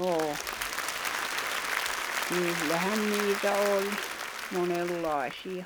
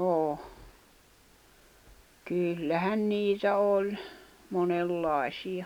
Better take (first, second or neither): second